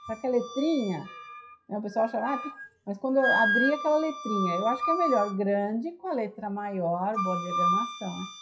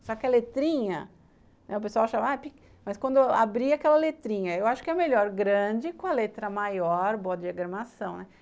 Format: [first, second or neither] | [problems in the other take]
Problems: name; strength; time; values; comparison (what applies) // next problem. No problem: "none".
second | noise reduction (classical method WPE with log-MMSE)